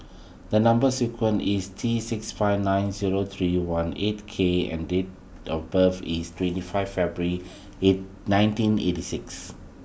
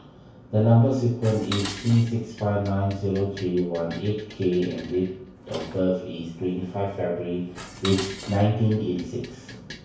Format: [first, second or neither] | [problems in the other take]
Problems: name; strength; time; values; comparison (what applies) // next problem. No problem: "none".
first | background sound (Dishes, pots, and pans); 16 dB below the speech // room echo; dies away in 0.6 s